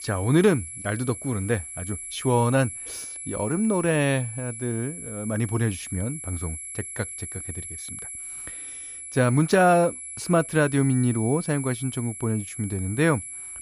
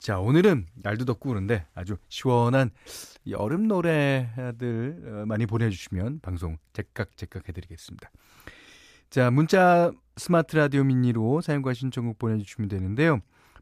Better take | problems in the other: second | high-pitched whine; loud; throughout; 11 kHz, 10 dB below the speech

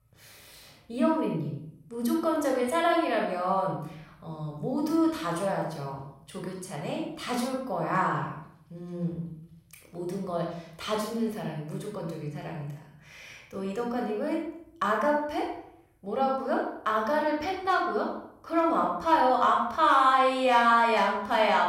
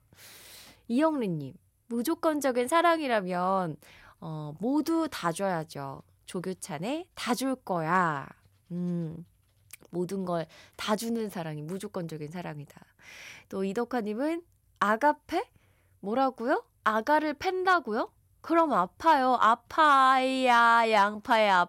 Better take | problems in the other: second | off-mic speech; somewhat distant // room echo; noticeable; dies away in 0.6 s

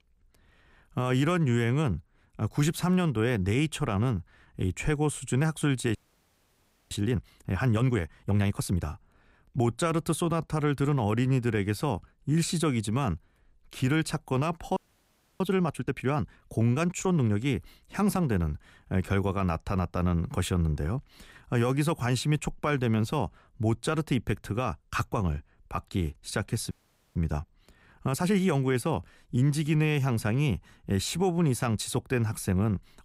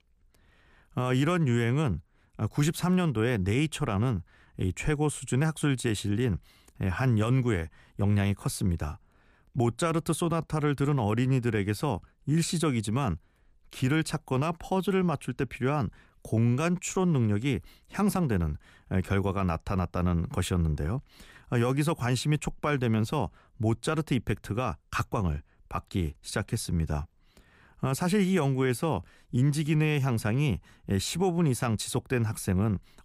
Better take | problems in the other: second | audio freezing; at 6 s for 1 s, at 15 s for 0.5 s and at 27 s

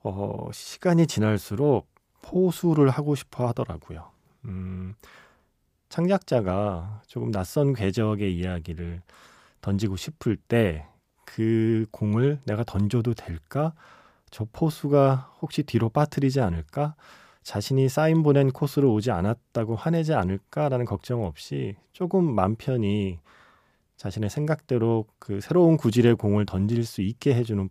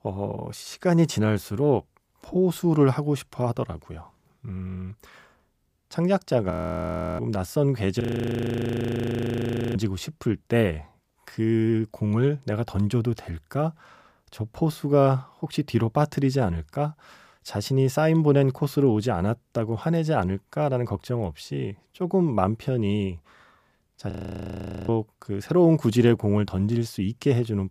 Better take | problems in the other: first | audio freezing; at 6.5 s for 0.5 s, at 8 s for 1.5 s and at 24 s for 1 s

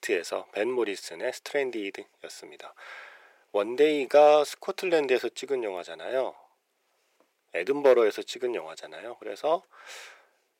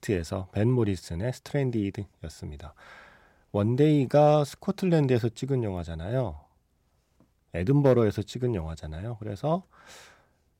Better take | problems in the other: second | thin; very; fading below 400 Hz

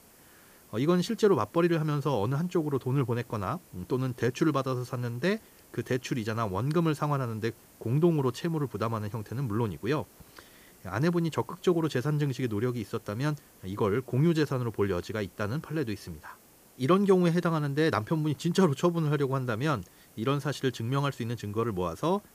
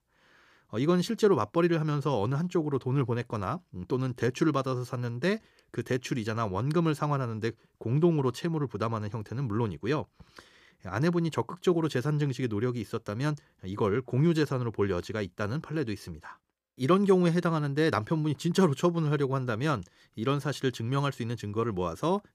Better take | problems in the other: second | hiss; faint; throughout; 25 dB below the speech

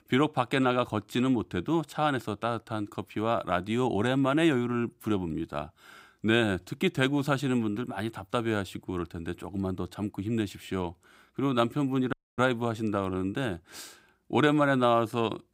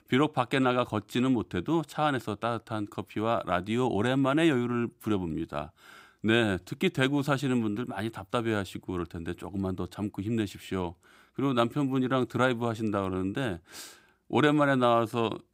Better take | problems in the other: second | audio cutting out; at 12 s

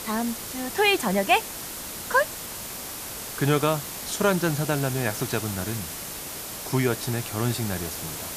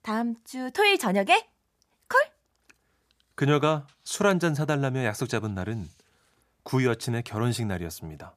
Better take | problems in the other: second | hiss; loud; throughout; 7 dB below the speech

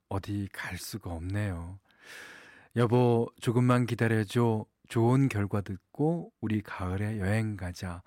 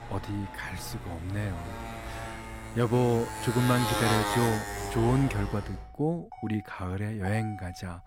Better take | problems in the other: first | traffic noise; loud; throughout; 5 dB below the speech

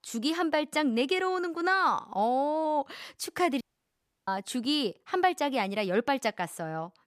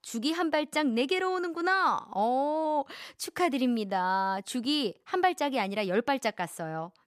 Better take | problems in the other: second | audio cutting out; at 3.5 s for 0.5 s

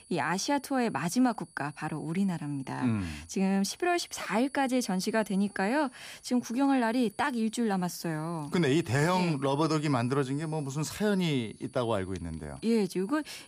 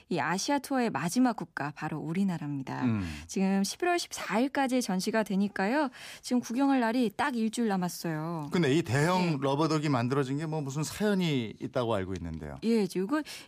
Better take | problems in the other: second | high-pitched whine; faint; throughout; 10.5 kHz, 25 dB below the speech

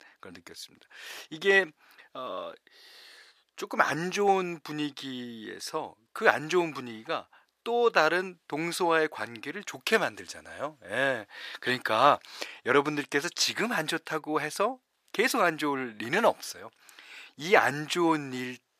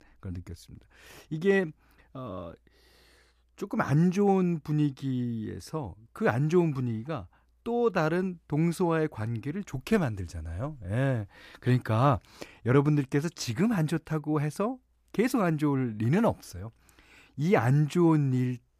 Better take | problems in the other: second | thin; very; fading below 500 Hz

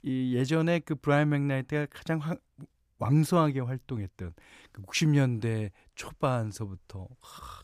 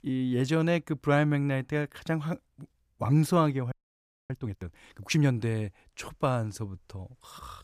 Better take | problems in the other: first | audio freezing; at 3.5 s for 0.5 s

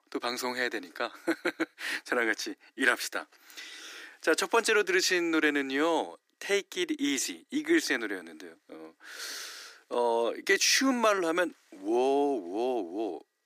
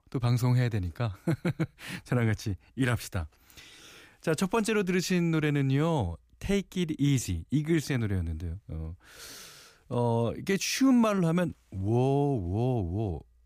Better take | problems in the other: second | thin; very; fading below 300 Hz

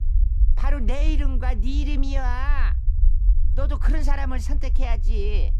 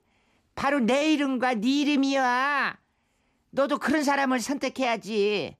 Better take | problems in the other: second | low rumble; noticeable; throughout; 15 dB below the speech

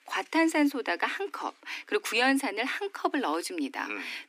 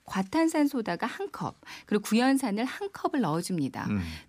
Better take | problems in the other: second | thin; very slightly; fading below 300 Hz

